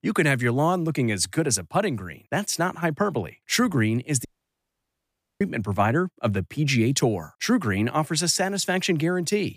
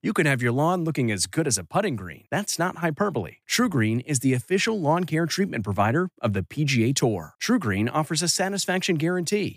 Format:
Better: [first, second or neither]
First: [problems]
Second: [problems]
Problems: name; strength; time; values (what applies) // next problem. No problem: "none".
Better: second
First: audio cutting out; at 4.5 s for 1 s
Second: none